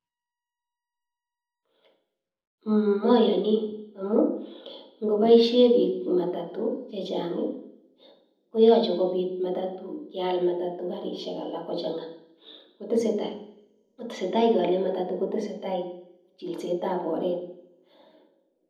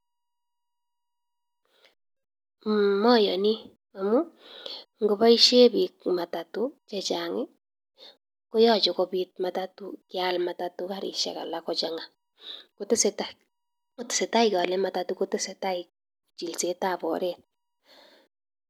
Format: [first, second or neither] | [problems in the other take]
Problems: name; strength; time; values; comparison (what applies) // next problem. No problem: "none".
second | room echo; dies away in 0.8 s